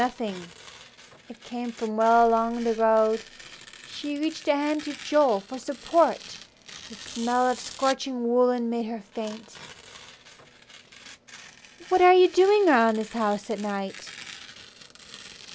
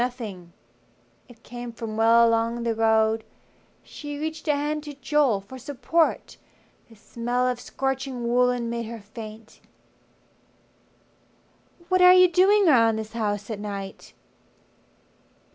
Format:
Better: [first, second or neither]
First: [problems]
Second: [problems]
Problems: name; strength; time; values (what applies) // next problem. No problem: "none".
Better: second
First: background sound (Tearing); 19 dB below the speech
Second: none